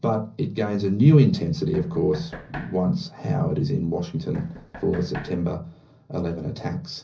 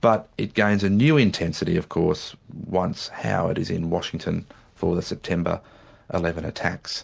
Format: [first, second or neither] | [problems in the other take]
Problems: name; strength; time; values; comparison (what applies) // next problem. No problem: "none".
second | background sound (Knock); 17 dB below the speech // room echo; dies away in 0.5 s